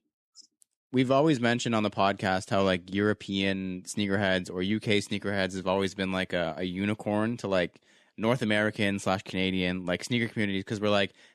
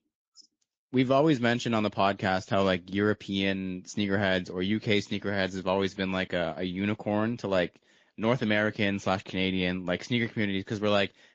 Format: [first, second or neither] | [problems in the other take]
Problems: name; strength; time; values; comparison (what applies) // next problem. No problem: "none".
first | garbled, watery; slightly; nothing above 7 kHz